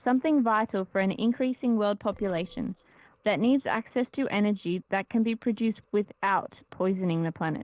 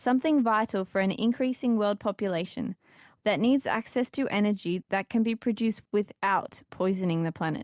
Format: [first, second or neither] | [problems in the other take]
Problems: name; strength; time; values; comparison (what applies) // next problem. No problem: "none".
second | noise reduction (neural separator model SepFormer DNS4)